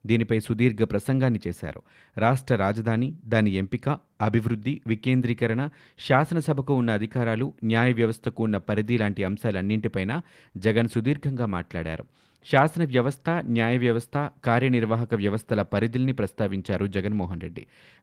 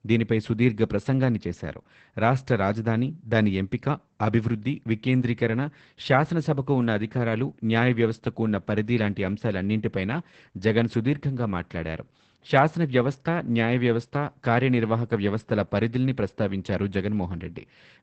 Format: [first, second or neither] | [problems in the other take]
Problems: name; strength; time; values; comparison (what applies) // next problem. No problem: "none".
first | garbled, watery; badly; nothing above 8 kHz; slightly in the first